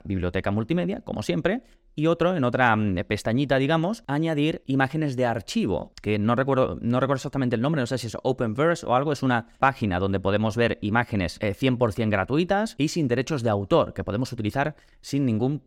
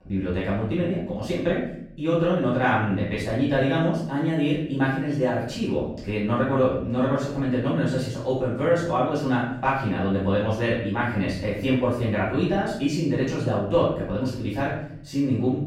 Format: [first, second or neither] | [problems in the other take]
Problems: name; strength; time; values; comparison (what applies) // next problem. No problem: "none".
first | off-mic speech; far // room echo; noticeable; dies away in 0.7 s